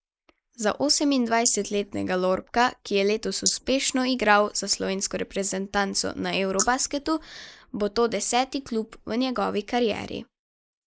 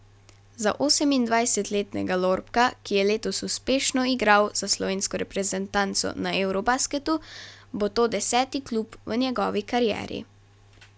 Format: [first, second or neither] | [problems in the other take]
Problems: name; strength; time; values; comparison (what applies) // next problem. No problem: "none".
second | noise reduction (neural mask model Resemble Enhance denoiser)